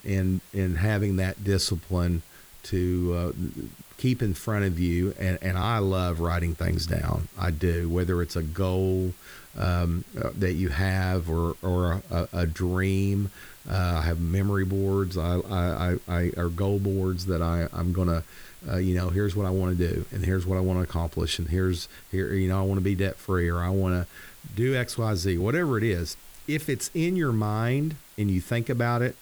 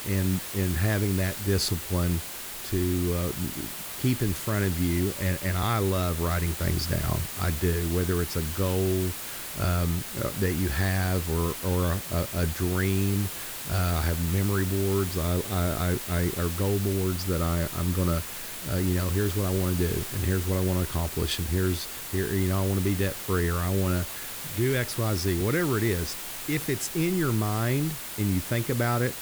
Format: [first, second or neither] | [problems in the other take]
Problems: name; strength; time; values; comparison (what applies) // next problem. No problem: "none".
first | hiss; loud; throughout; 5 dB below the speech; faint in the first